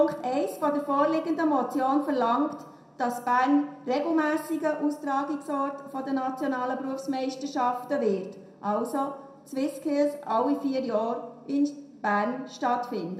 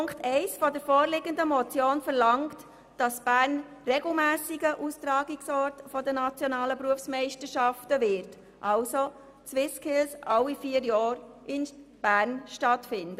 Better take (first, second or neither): second